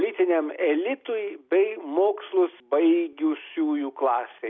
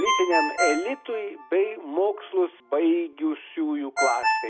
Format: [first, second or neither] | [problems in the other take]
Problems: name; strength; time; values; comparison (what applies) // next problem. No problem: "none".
first | background sound (Ringtone); 3 dB below the speech